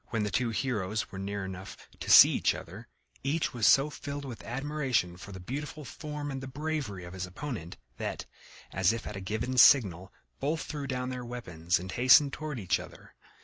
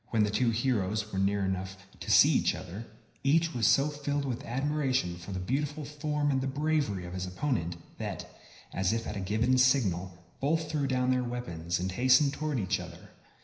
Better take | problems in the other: first | room echo; dies away in 0.9 s

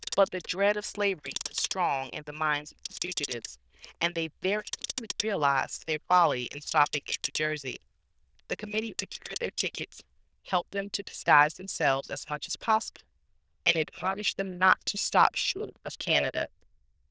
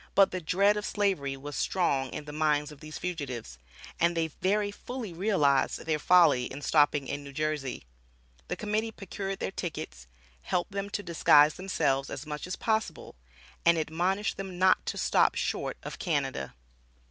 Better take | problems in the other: second | noise reduction (neural diffusion model UNIVERSE++)

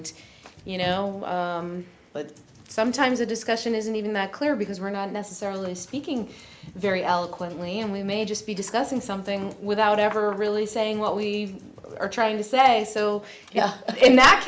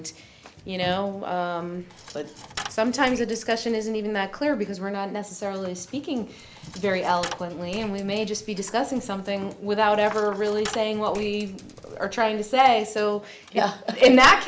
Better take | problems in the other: first | background sound (Coin (dropping)); 18 dB below the speech

